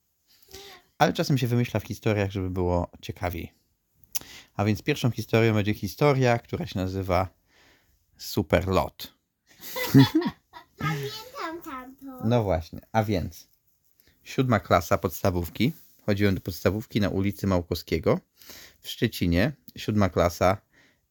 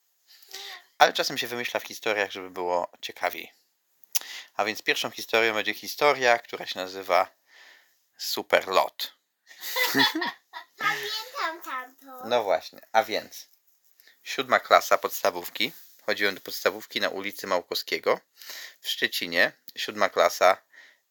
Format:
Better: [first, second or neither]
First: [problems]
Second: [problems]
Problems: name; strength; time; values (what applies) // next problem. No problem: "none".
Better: first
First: none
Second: thin; very; fading below 700 Hz